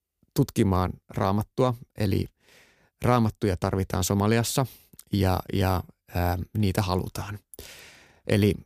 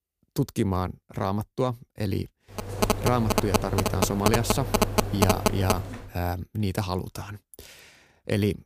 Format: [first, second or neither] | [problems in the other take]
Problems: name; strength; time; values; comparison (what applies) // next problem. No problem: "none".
first | phone ringing; loud; from 2.5 to 6 s; peak 5 dB above the speech